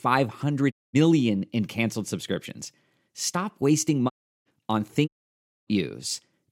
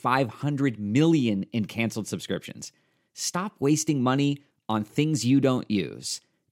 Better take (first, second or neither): second